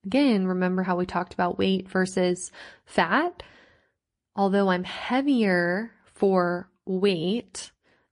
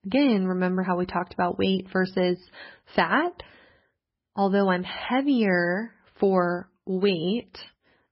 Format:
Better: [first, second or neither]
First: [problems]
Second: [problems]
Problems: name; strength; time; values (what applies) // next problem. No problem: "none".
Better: first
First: garbled, watery; slightly; nothing above 10.5 kHz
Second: garbled, watery; badly; nothing above 5 kHz